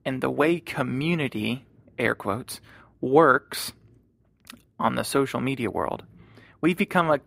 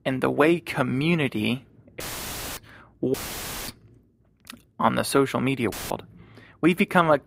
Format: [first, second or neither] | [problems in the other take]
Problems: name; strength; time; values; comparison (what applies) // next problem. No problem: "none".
first | audio cutting out; filled with static; at 2 s for 0.5 s, at 3 s for 0.5 s and at 5.5 s